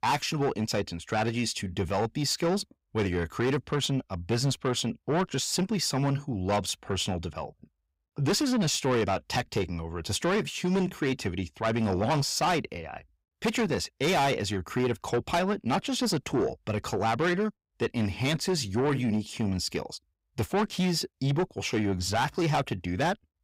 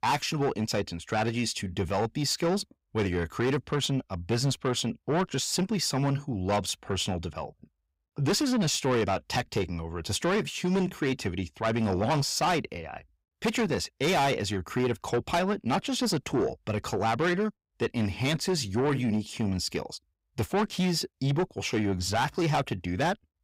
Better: neither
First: distortion; heavy; 7 dB below the speech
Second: distortion; heavy; 7 dB below the speech

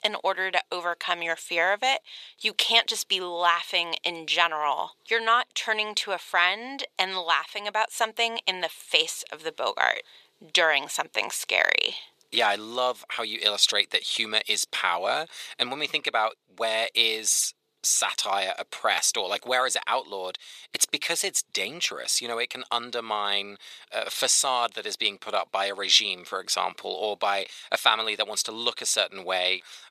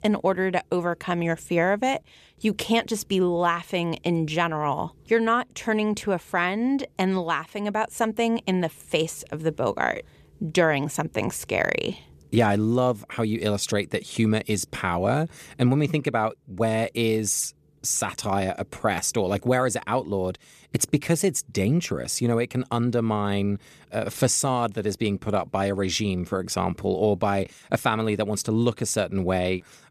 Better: second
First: thin; very; fading below 800 Hz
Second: none

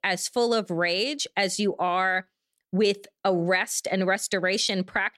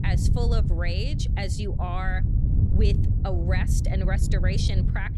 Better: first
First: none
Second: wind noise on the microphone; heavy; 6 dB below the speech

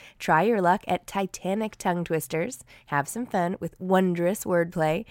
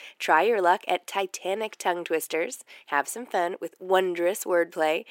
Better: first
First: none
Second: thin; very; fading below 350 Hz

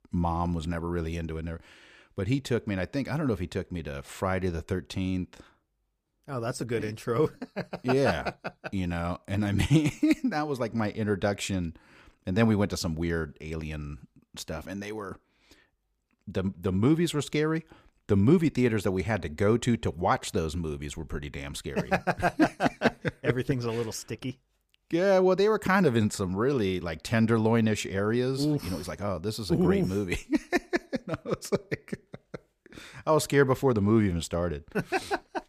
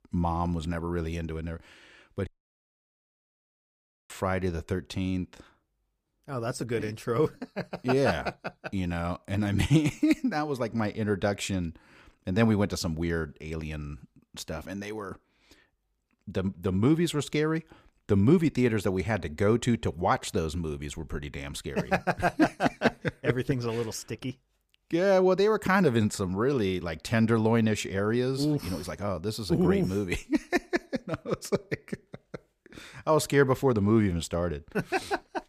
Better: first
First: none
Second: audio cutting out; at 2.5 s for 2 s

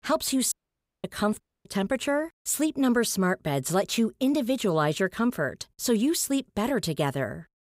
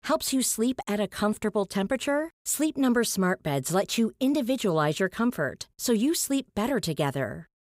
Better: second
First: audio cutting out; at 0.5 s for 0.5 s and at 1.5 s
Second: none

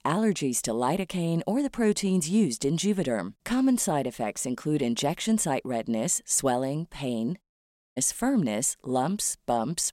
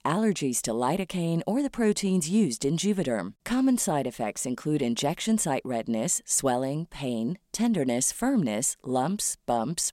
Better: second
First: audio cutting out; at 7.5 s for 0.5 s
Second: none

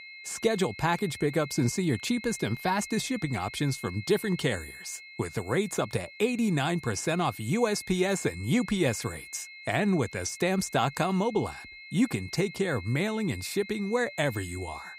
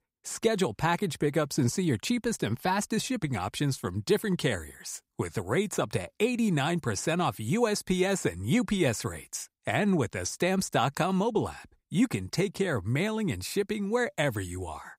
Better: second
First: high-pitched whine; noticeable; throughout; 2 kHz, 15 dB below the speech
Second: none

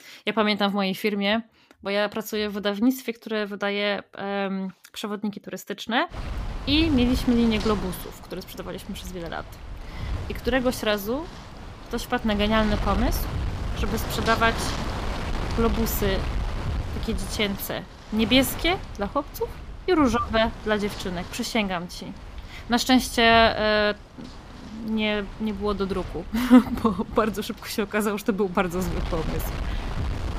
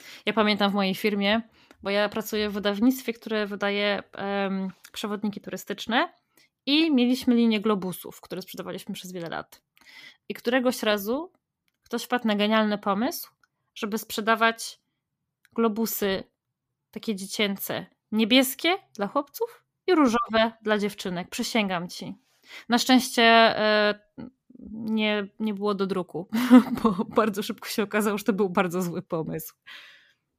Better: second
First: wind noise on the microphone; occasional gusts; from 6 s on; 15 dB below the speech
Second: none

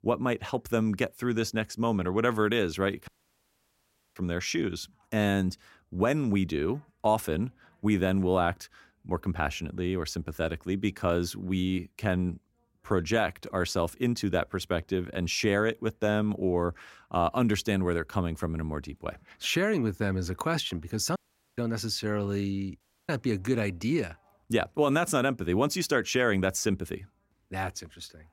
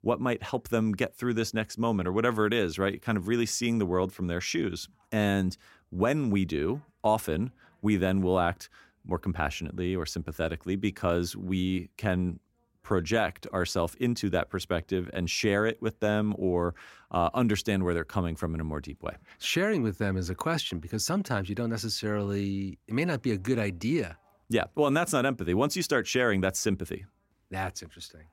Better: second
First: audio cutting out; at 3 s for 1 s, at 21 s and at 23 s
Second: none

